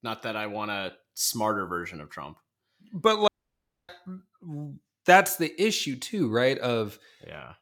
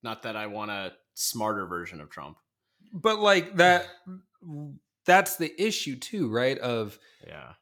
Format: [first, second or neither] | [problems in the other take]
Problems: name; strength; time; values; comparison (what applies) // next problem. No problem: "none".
second | audio cutting out; at 3.5 s for 0.5 s